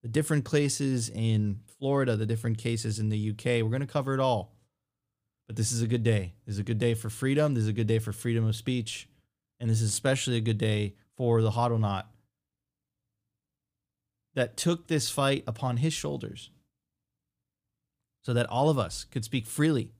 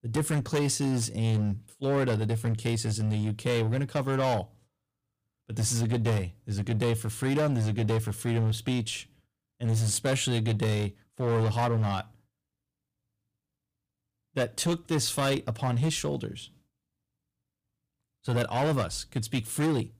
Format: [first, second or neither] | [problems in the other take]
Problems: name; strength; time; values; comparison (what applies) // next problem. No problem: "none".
first | distortion; slight; 11% of the sound clipped